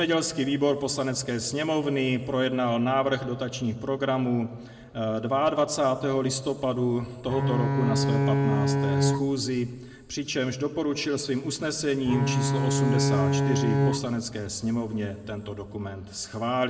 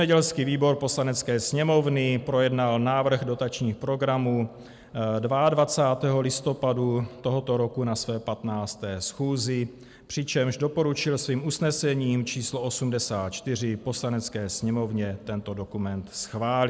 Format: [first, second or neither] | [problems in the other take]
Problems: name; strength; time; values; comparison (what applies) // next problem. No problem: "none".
second | background sound (Bowed string instrument); 2 dB above the speech // room echo; dies away in 1 s